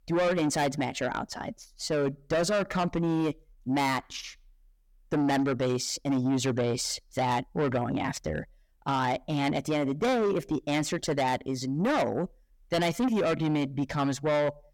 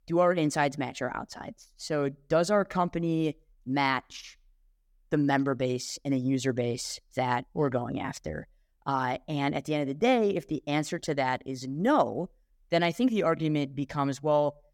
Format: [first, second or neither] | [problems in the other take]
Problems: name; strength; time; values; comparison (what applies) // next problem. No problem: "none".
second | distortion; heavy; 7 dB below the speech